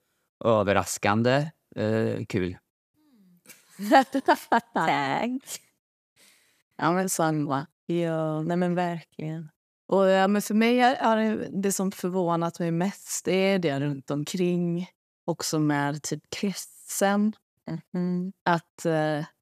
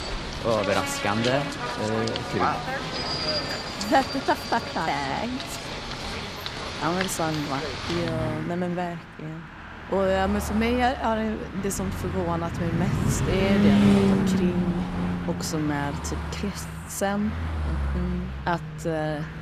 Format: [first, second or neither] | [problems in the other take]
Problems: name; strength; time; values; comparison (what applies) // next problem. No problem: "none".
first | traffic noise; loud; throughout; as loud as the speech